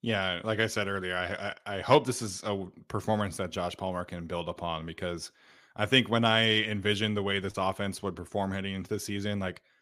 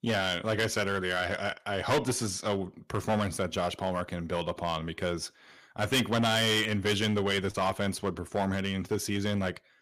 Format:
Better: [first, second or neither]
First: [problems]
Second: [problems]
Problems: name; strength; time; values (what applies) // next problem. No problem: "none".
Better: first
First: none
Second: distortion; heavy; 7% of the sound clipped